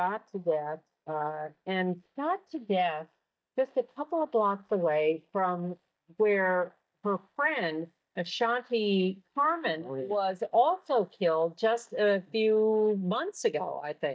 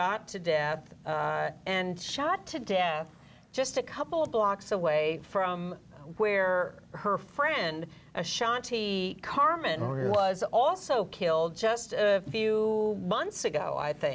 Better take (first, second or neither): second